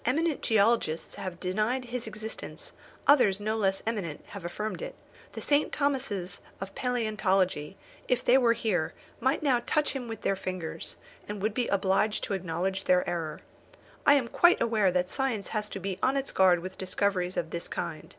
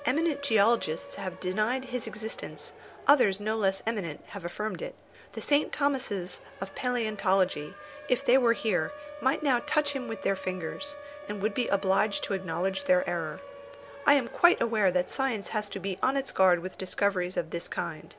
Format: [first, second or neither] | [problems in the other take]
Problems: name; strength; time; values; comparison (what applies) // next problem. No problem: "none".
first | background sound (Siren); 16 dB below the speech